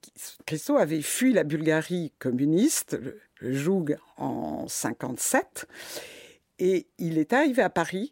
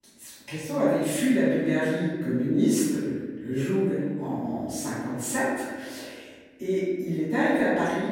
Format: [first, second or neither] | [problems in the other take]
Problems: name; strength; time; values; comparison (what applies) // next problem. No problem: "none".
first | room echo; strong; dies away in 1.4 s // off-mic speech; far